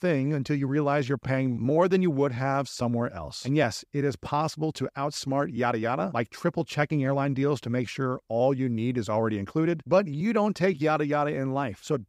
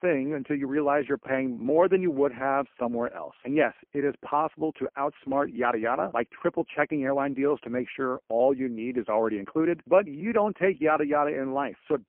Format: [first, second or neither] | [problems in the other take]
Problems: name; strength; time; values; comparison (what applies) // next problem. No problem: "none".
first | phone-call audio; poor line